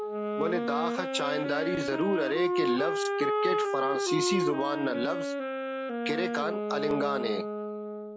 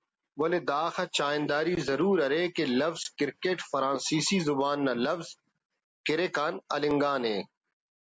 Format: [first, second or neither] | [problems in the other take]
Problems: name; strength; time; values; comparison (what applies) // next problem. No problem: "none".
second | background sound (Wind instrument, woodwind instrument); 1 dB above the speech